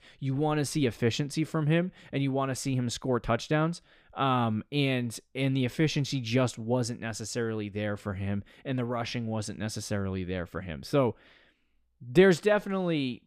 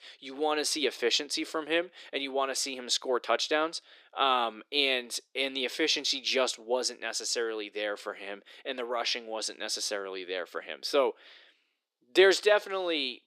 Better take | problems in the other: first | thin; very; fading below 350 Hz

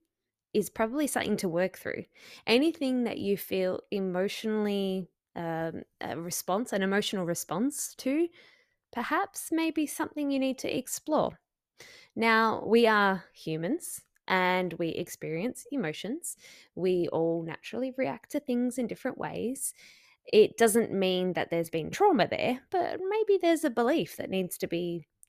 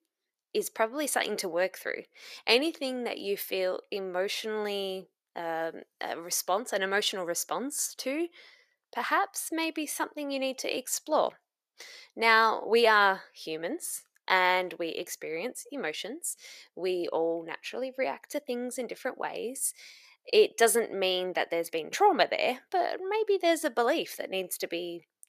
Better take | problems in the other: first | thin; somewhat; fading below 450 Hz

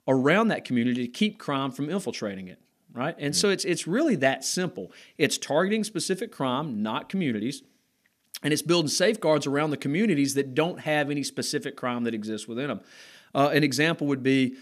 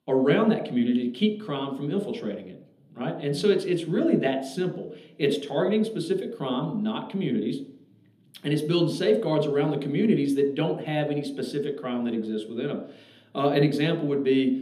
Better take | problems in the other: first | room echo; slight; dies away in 0.8 s

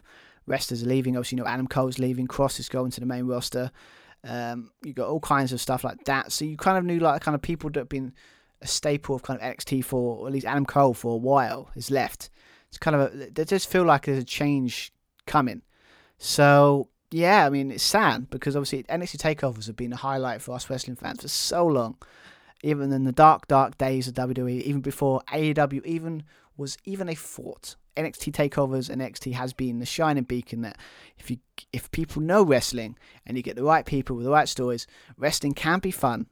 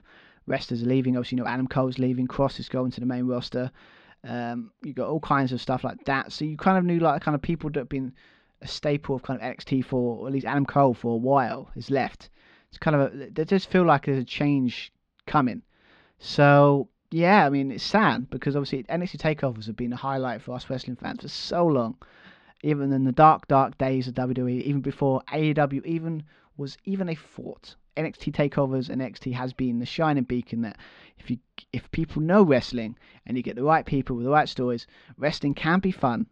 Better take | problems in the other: first | muffled; very slightly; fading above 4.5 kHz

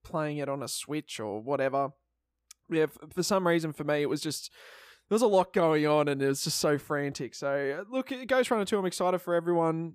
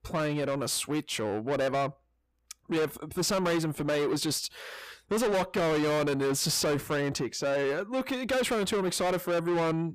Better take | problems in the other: first | distortion; heavy; 6 dB below the speech

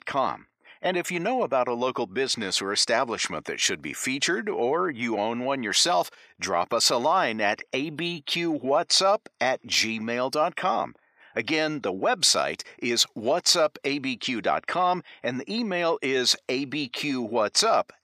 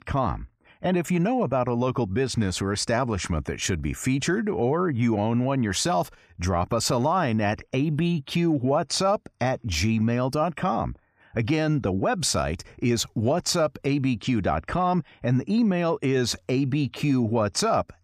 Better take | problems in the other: second | thin; somewhat; fading below 400 Hz

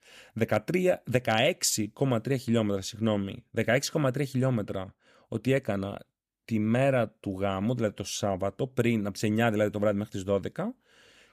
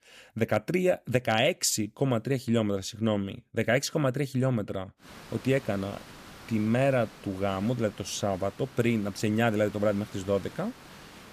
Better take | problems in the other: first | hiss; noticeable; from 5 s on; 20 dB below the speech

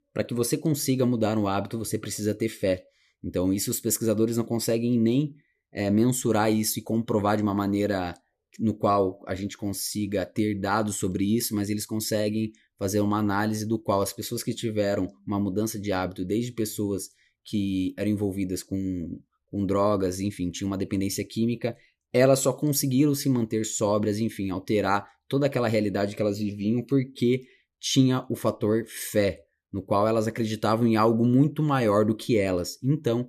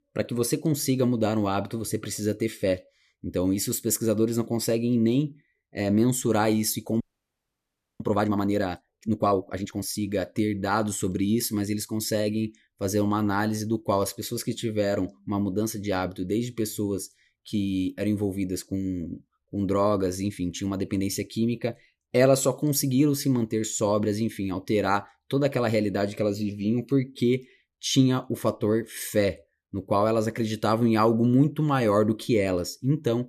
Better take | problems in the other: first | audio freezing; at 7 s for 1 s

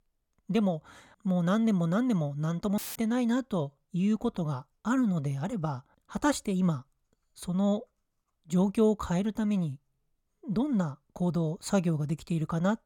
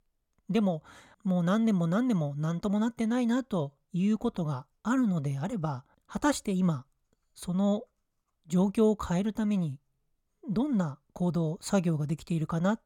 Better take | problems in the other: second | audio cutting out; filled with static; at 3 s

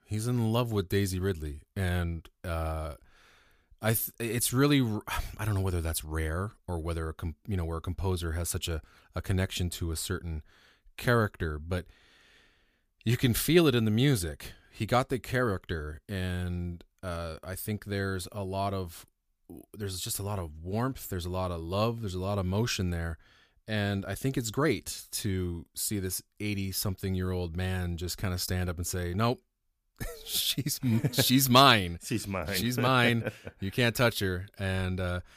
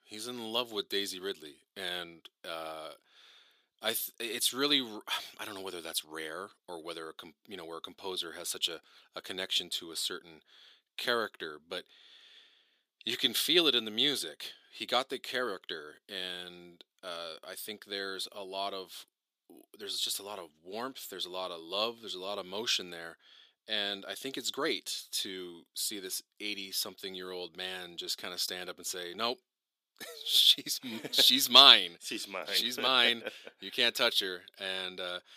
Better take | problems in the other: first | thin; somewhat; fading below 300 Hz

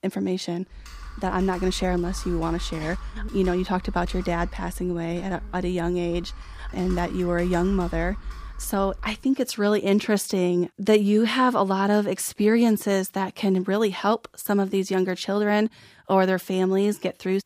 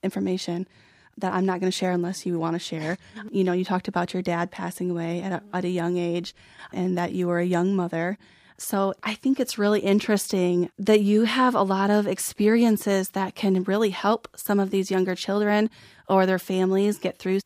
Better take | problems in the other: second | keyboard typing; faint; from 0.5 to 9 s; peak 10 dB below the speech

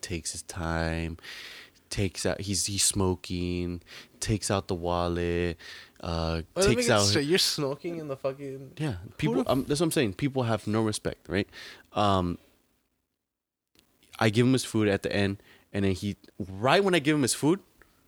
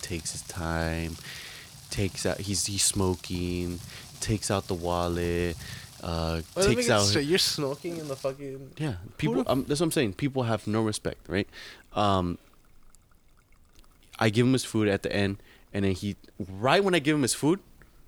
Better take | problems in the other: first | rain or running water; noticeable; throughout; 15 dB below the speech

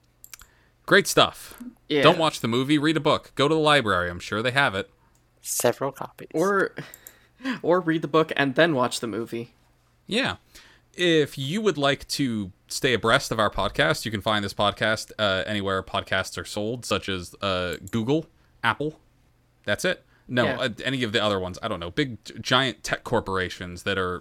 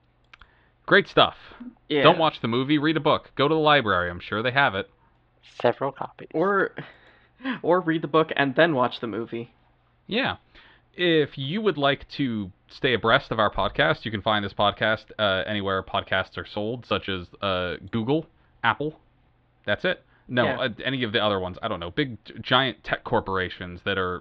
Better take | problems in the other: first | muffled; slightly; fading above 3.5 kHz

